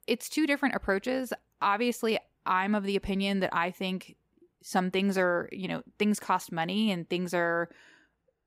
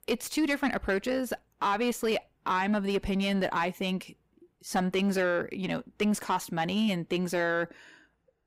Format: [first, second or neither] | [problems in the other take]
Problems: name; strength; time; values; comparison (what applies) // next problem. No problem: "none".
first | distortion; slight; 10 dB below the speech